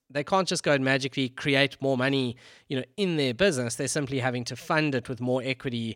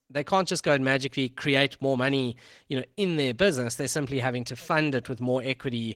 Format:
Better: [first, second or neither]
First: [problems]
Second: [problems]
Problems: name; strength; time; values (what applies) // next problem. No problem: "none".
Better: first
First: none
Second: garbled, watery; slightly; nothing above 16.5 kHz